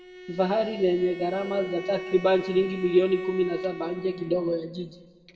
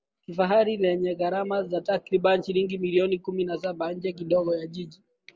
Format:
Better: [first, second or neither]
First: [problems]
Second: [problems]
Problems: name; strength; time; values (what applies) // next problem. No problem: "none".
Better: second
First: background sound (Bowed string instrument); 12 dB below the speech // room echo; dies away in 1.6 s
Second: none